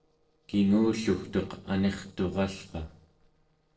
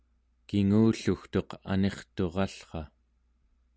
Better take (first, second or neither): second